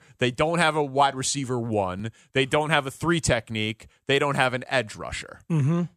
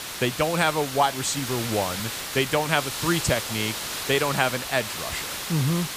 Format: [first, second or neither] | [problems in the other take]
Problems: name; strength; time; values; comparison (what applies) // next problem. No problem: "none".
first | hiss; loud; throughout; 5 dB below the speech